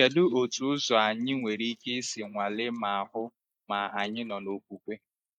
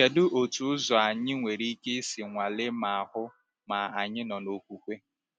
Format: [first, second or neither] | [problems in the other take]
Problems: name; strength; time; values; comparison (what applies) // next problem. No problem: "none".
second | noise reduction (neural mask model Resemble Enhance denoiser)